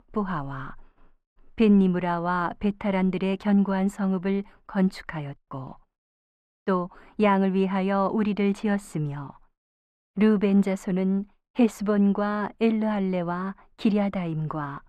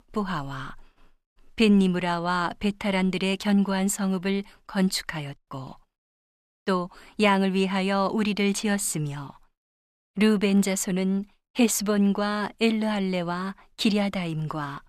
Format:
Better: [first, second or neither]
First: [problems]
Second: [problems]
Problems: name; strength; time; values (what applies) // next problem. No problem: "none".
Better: second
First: muffled; very; fading above 3 kHz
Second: none